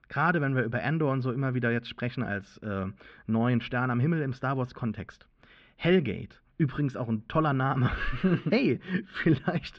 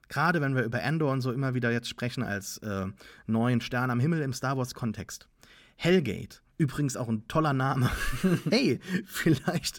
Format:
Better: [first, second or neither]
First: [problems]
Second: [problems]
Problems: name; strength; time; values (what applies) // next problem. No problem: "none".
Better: second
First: muffled; slightly; fading above 3.5 kHz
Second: none